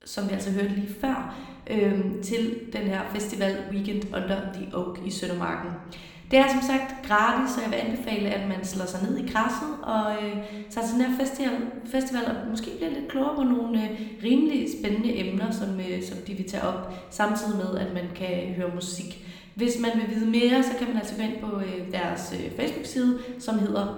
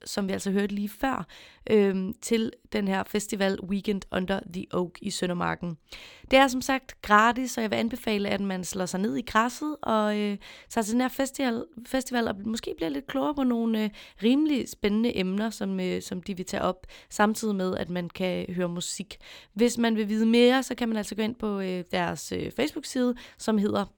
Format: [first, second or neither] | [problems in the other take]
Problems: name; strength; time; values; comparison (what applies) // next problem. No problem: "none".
second | room echo; noticeable; dies away in 1.1 s // off-mic speech; somewhat distant